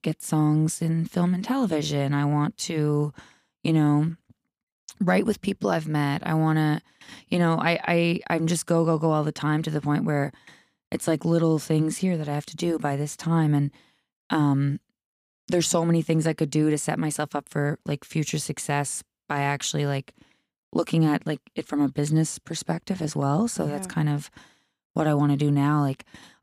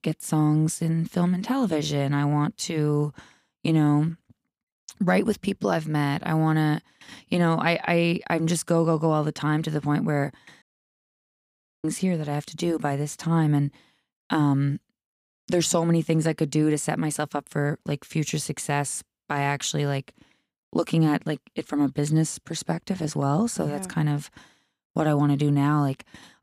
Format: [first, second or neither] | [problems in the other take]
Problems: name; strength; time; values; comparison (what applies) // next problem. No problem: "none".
first | audio cutting out; at 11 s for 1 s